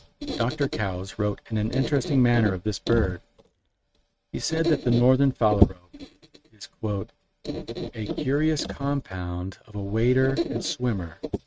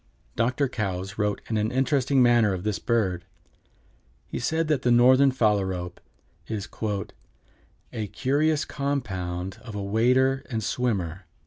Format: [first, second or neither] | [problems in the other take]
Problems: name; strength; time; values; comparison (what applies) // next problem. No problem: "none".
second | noise reduction (neural mask model RNNoise)